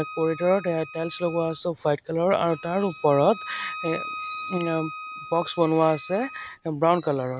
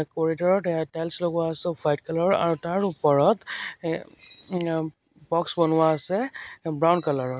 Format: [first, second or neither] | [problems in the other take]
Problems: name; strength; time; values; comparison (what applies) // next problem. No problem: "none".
second | background sound (Wind instrument, woodwind instrument); 13 dB below the speech